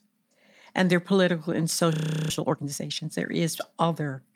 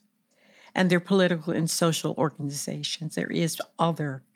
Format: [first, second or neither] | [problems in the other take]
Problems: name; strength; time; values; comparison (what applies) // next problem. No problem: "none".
second | audio freezing; at 2 s